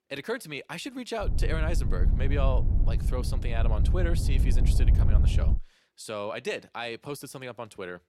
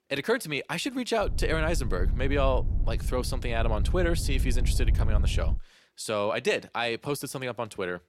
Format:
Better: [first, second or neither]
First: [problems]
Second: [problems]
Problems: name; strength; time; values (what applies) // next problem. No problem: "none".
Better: second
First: wind noise on the microphone; heavy; from 1 to 5.5 s; 7 dB below the speech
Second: wind noise on the microphone; occasional gusts; from 1 to 5.5 s; 15 dB below the speech